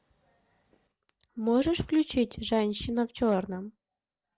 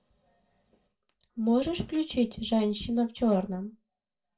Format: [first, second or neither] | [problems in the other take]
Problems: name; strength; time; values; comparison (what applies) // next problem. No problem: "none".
first | room echo; dies away in 0.2 s